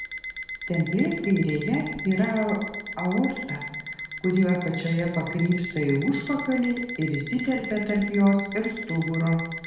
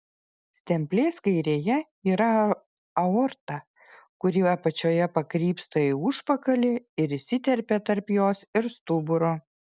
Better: second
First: background sound (Alarm); 10 dB below the speech // room echo; dies away in 1 s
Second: none

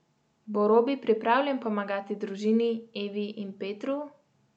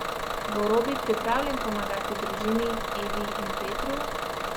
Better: first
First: none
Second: background sound (Bus / Engine); as loud as the speech

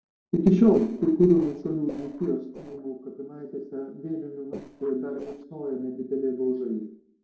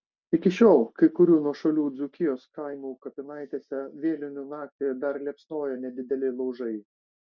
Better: second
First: noise reduction (neural separator model SepFormer DNS4)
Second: none

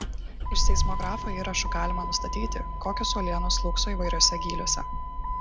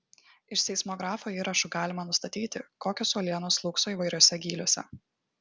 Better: second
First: background sound (Motor vehicle (road)); 4 dB above the speech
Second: none

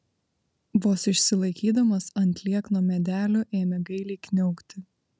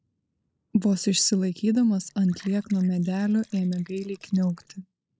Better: first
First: none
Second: noise reduction (neural mask model Resemble Enhance denoiser)

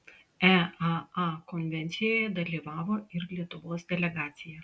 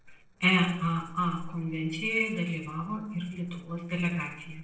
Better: first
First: none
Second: noise reduction (neural separator model SepFormer DNS4)

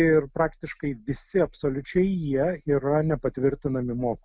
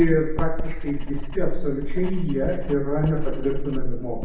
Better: first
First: none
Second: background sound (Writing); 3 dB above the speech // room echo; dies away in 0.9 s

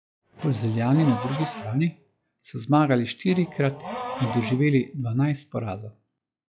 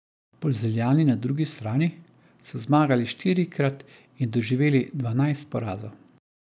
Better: second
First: noise reduction (classical method log-MMSE)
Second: none

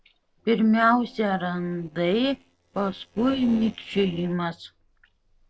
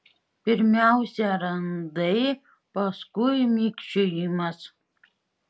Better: second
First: noise reduction (neural separator model SepFormer DNS4)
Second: none

